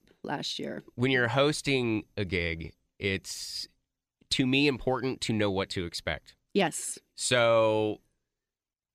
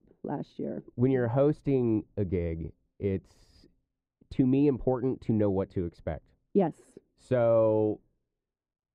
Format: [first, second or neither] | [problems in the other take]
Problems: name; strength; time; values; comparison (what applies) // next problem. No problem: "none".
first | muffled; very; fading above 1.5 kHz